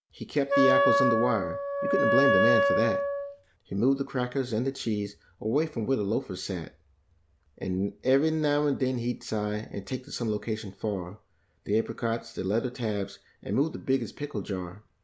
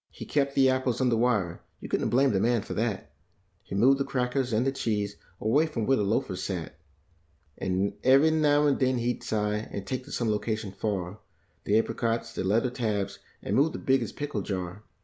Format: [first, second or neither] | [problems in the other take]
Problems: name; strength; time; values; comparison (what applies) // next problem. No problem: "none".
second | background sound (Wind instrument, woodwind instrument); 4 dB above the speech